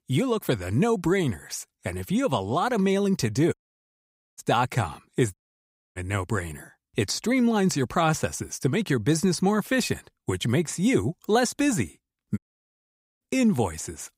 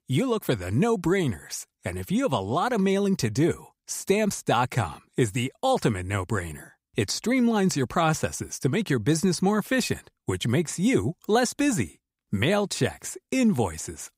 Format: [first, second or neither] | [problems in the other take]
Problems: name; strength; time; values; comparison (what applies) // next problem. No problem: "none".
second | audio cutting out; at 3.5 s for 1 s, at 5.5 s for 0.5 s and at 12 s for 1 s